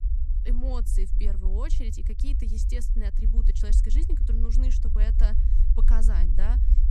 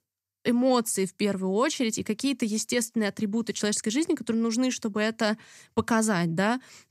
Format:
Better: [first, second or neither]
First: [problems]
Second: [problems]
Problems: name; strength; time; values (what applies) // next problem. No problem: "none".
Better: second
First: low rumble; loud; throughout; 5 dB below the speech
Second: none